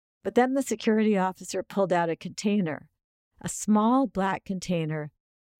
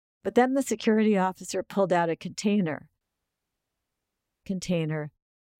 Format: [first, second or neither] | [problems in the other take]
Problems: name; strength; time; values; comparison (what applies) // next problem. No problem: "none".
first | audio cutting out; at 3 s for 1.5 s